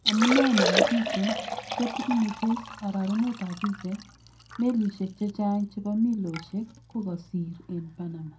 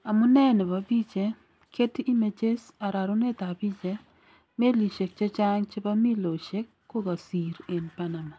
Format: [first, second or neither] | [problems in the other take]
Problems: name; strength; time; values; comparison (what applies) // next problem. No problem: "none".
second | background sound (Liquid); 4 dB below the speech // room echo; dies away in 0.2 s